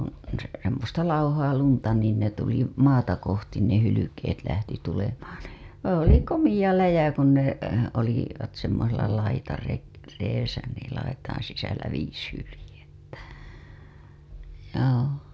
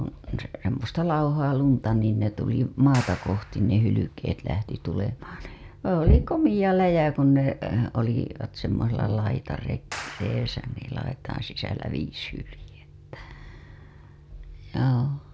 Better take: first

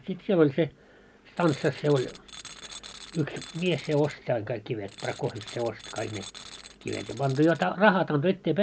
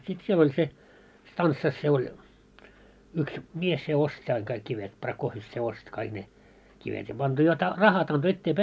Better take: second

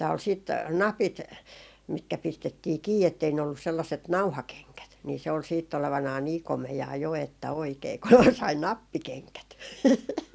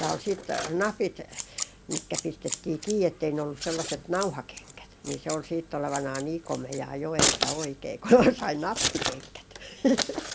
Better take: first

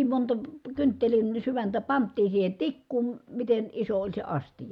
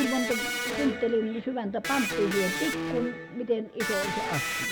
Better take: first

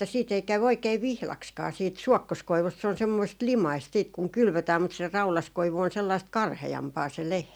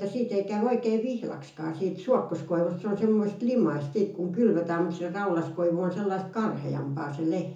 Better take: first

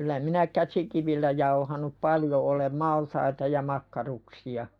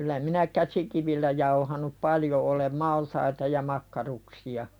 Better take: second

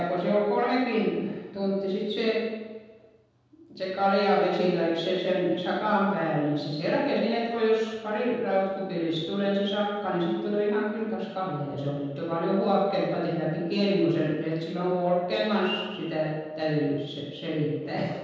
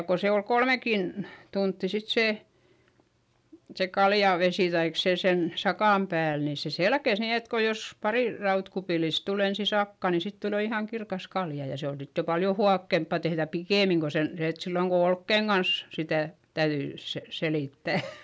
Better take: second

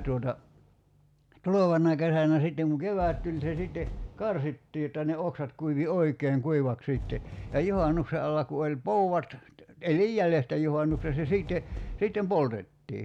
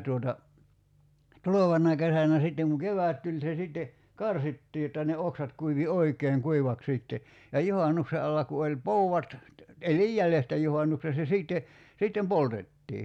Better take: second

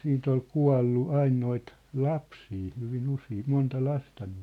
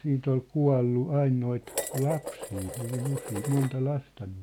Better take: first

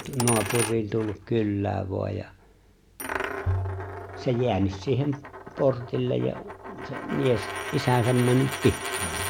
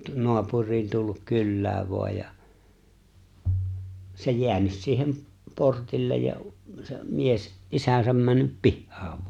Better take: second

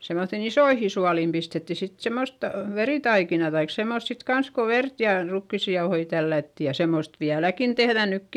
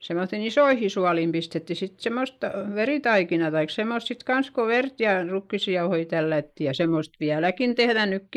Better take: first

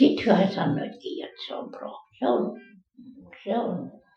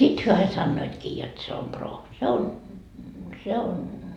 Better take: second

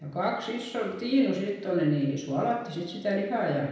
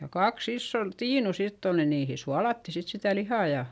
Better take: second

